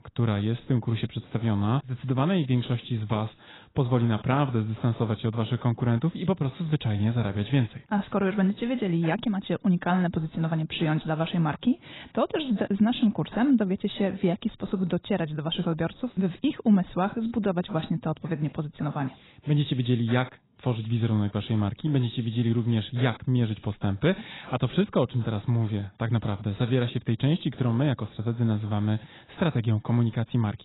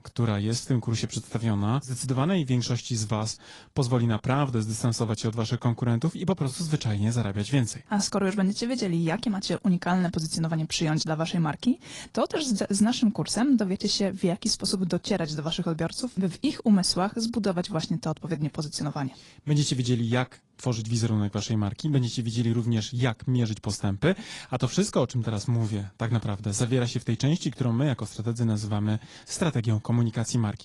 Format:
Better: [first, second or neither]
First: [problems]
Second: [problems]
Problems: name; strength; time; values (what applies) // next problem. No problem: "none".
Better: second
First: garbled, watery; badly; nothing above 4 kHz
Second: garbled, watery; slightly; nothing above 10.5 kHz